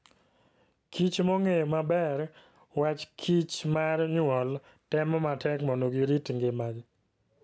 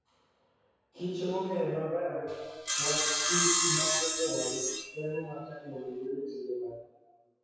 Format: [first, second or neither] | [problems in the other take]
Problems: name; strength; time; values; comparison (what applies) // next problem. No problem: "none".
first | noise reduction (classical method WPE with log-MMSE)